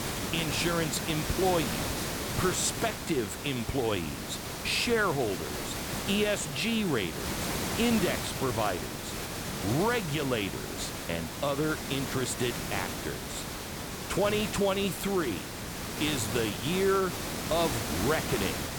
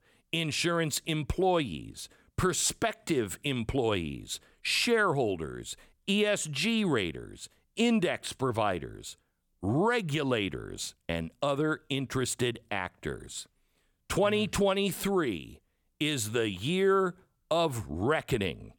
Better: second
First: hiss; loud; throughout; 4 dB below the speech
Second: none

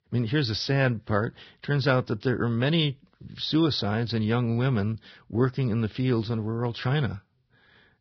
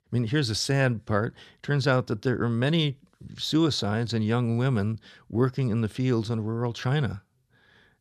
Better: second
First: garbled, watery; badly; nothing above 5.5 kHz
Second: none

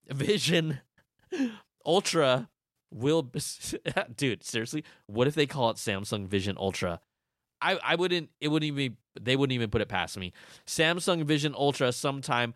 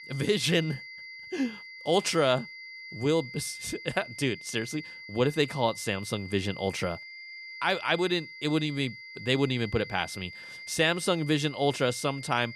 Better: first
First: none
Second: high-pitched whine; noticeable; throughout; 2 kHz, 15 dB below the speech

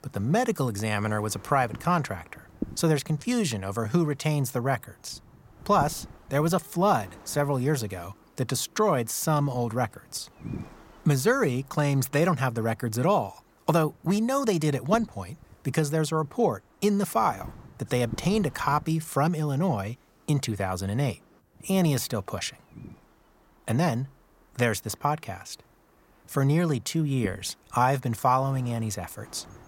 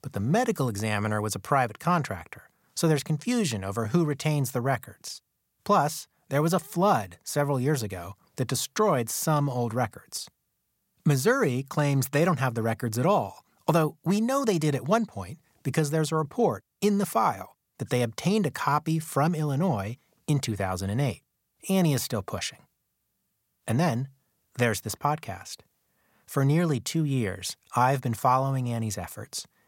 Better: second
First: wind noise on the microphone; occasional gusts; 25 dB below the speech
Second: none

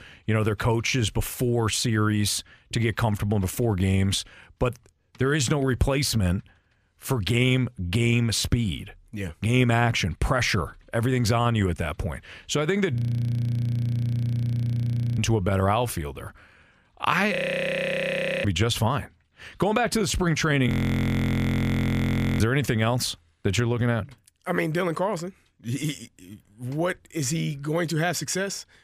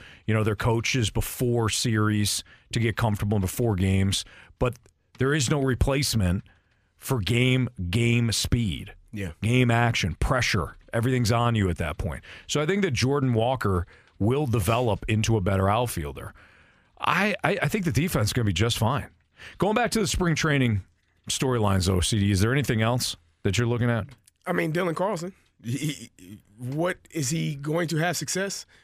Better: second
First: audio freezing; at 13 s for 2 s, at 17 s for 1 s and at 21 s for 1.5 s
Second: none

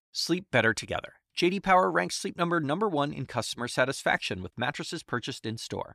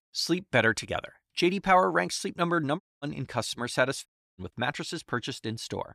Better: first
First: none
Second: audio cutting out; at 3 s and at 4 s

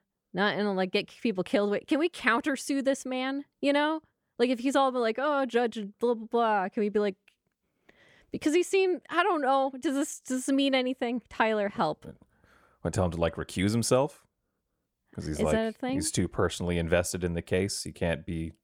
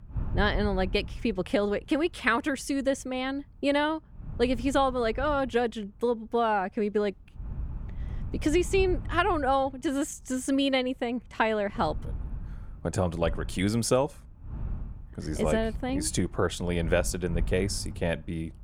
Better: first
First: none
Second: wind noise on the microphone; occasional gusts; 25 dB below the speech

